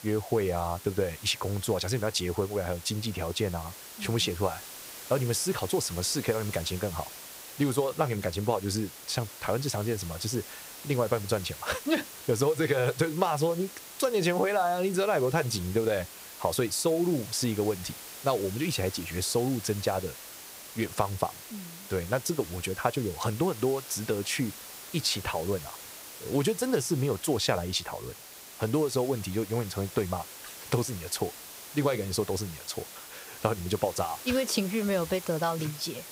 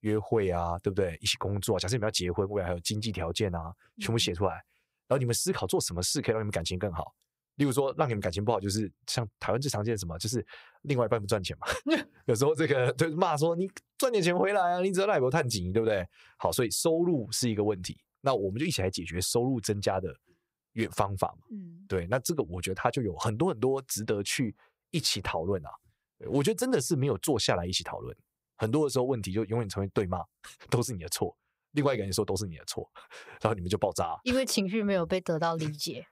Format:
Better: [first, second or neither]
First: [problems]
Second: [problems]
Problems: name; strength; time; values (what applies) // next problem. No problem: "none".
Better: second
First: hiss; noticeable; throughout; 10 dB below the speech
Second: none